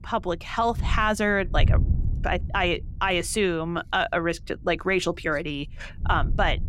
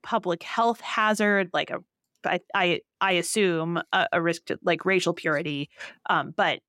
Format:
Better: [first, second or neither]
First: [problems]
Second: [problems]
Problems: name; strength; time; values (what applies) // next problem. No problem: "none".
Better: second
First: wind noise on the microphone; occasional gusts; 20 dB below the speech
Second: none